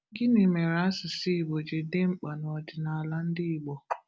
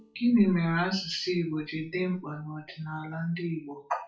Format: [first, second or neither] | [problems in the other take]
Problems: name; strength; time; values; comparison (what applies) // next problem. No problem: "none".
first | noise reduction (classical method WPE with log-MMSE)